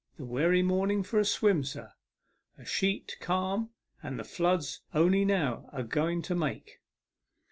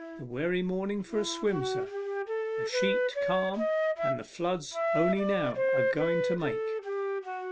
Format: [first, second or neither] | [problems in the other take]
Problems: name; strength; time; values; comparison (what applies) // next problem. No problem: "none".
first | background sound (Wind instrument, woodwind instrument); 2 dB above the speech